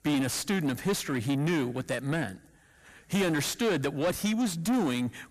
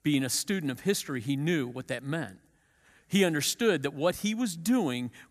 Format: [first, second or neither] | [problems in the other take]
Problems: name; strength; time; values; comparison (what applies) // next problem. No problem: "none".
second | distortion; heavy; 7 dB below the speech